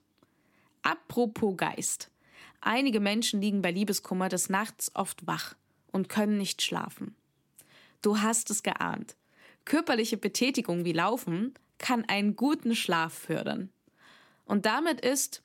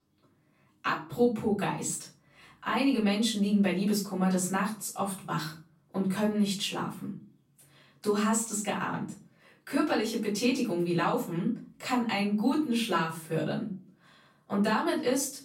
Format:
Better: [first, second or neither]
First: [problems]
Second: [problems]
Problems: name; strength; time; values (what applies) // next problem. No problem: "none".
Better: first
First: none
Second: room echo; slight; dies away in 0.4 s // off-mic speech; far